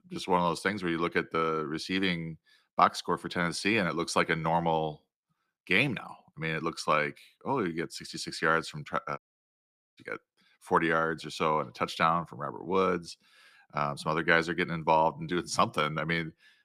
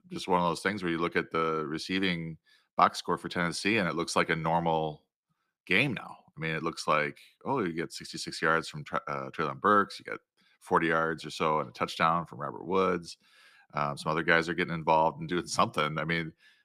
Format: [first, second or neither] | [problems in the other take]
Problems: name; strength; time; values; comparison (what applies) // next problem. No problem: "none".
second | audio cutting out; at 9 s for 1 s